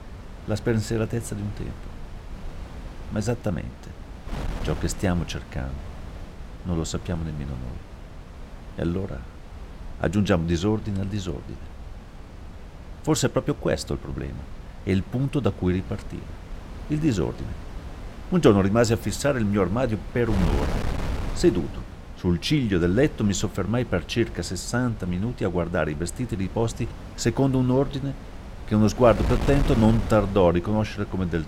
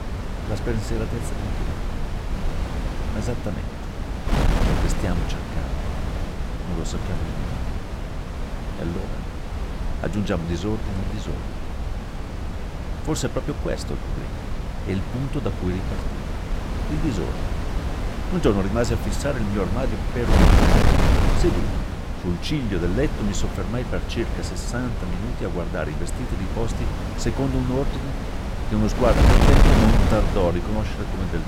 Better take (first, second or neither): first